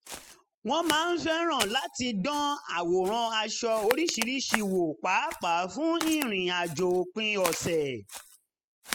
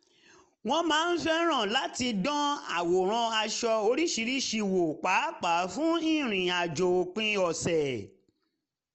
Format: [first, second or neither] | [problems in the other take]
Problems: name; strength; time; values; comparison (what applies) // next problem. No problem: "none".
second | noise reduction (classical method spectral subtraction)